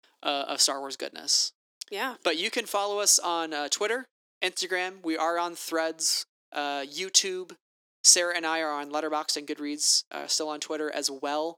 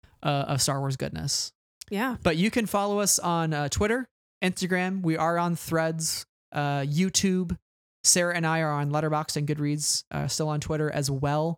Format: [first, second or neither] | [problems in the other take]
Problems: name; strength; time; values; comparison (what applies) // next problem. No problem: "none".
second | thin; somewhat; fading below 300 Hz